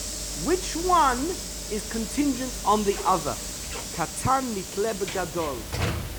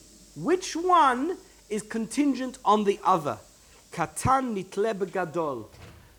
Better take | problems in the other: second | hiss; loud; throughout; 6 dB below the speech; faint in the second

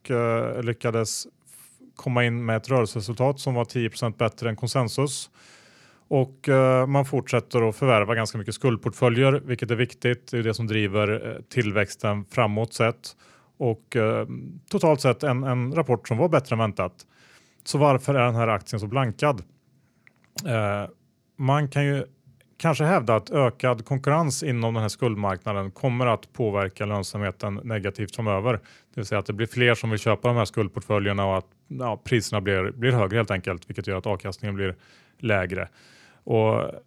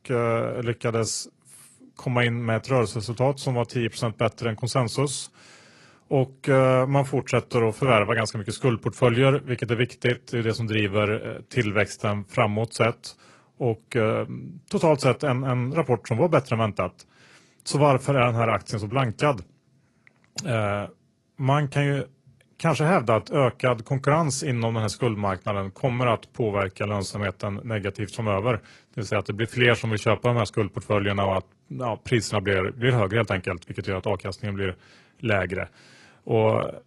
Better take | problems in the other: first | garbled, watery; slightly; nothing above 11 kHz

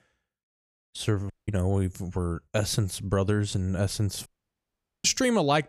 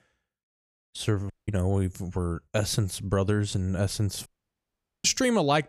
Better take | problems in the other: neither | audio cutting out; at 1.5 s and at 4.5 s for 1 s; the same in both

